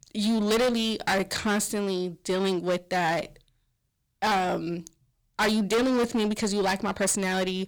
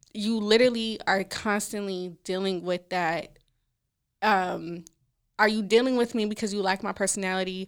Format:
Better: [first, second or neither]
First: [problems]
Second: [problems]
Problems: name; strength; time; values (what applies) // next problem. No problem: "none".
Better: second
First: distortion; heavy; 14% of the sound clipped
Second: none